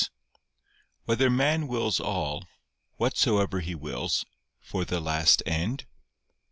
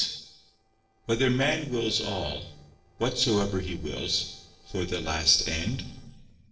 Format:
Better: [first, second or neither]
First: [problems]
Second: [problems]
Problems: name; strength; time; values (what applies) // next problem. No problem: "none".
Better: first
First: none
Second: noise reduction (neural separator model SepFormer DNS4)